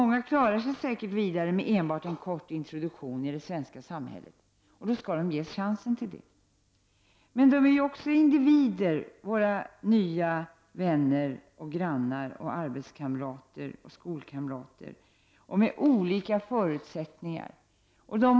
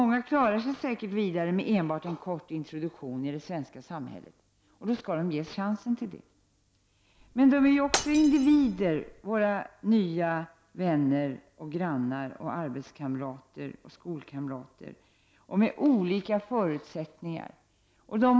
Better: first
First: none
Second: background sound (Shatter); 8 dB below the speech

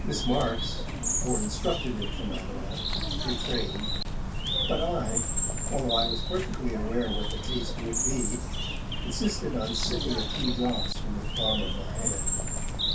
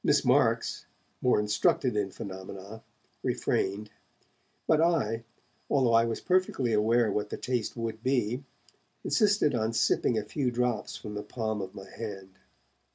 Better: second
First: background sound (Bird); 4 dB above the speech // room echo; dies away in 0.2 s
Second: none

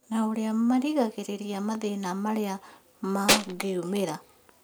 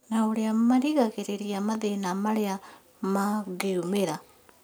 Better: second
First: background sound (Tools); 5 dB above the speech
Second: none

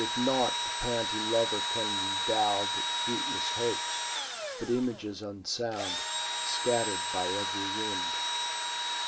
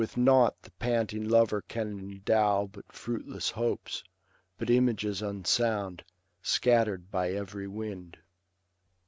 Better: second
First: background sound (Engine / Drill); 1 dB above the speech // room echo; dies away in 0.2 s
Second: none

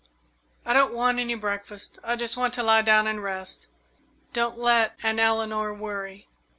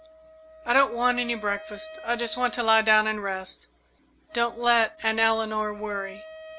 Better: first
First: none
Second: background sound (Wind instrument, woodwind instrument); 19 dB below the speech

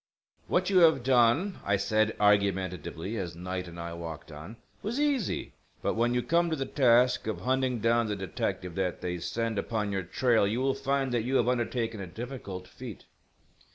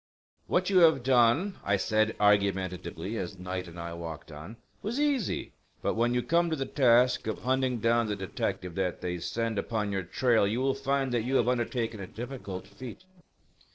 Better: first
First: none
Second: noise reduction (neural separator model SepFormer DNS4)

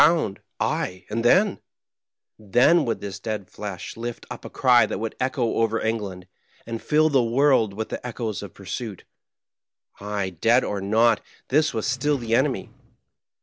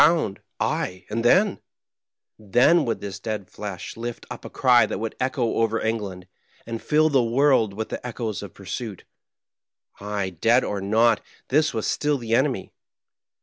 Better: second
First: background sound (Drawer open or close); 19 dB below the speech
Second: none

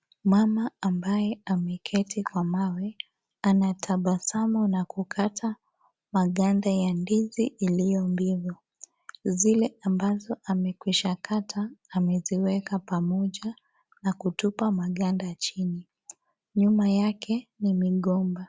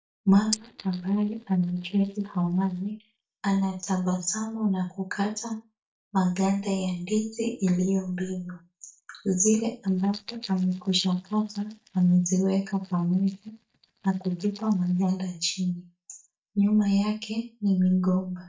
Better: first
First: none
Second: noise reduction (neural mask model DeepFilterNet 3)

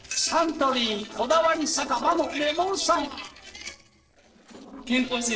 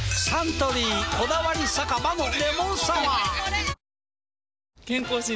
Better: second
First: noise reduction (neural separator model SepFormer DNS4)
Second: none

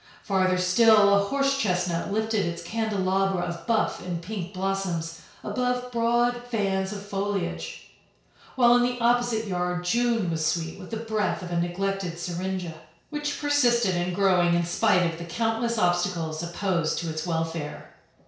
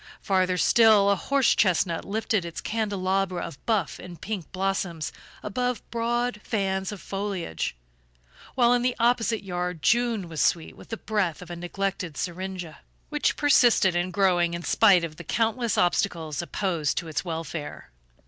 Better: second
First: room echo; dies away in 0.6 s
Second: none

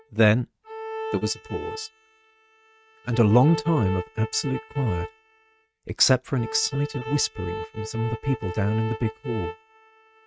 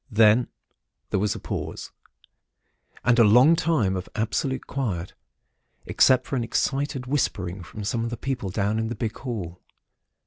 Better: second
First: noise reduction (neural mask model RNNoise)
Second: none

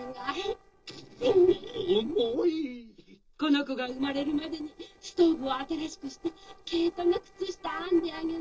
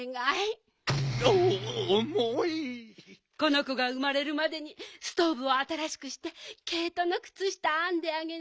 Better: second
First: noise reduction (neural separator model SepFormer DNS4)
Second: none

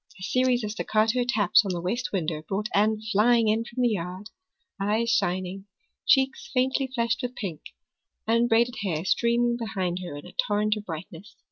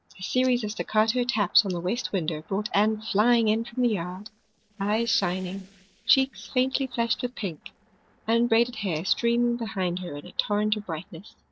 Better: first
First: none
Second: noise reduction (neural separator model SepFormer DNS4)

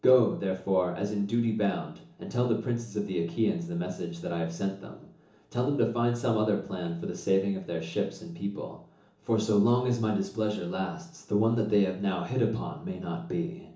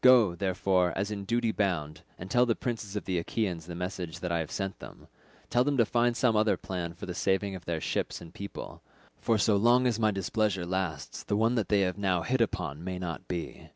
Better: second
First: room echo; dies away in 0.8 s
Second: none

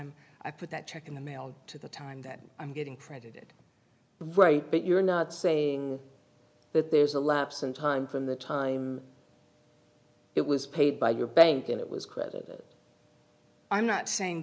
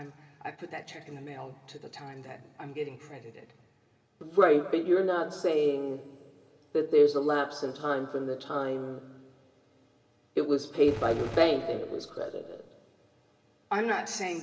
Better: first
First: none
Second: background sound (Gunshot, gunfire); 12 dB below the speech // room echo; dies away in 2.1 s

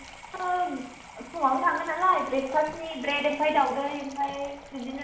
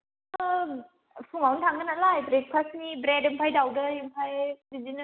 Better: second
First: background sound (Sink (filling or washing) / Water tap, faucet); 17 dB below the speech // room echo; dies away in 0.7 s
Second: none

